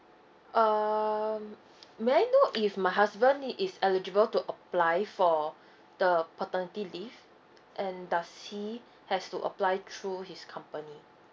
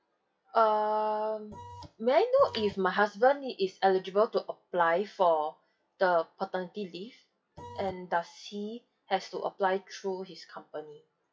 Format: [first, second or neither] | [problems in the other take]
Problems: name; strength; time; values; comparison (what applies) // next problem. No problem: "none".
first | noise reduction (classical method WPE with log-MMSE)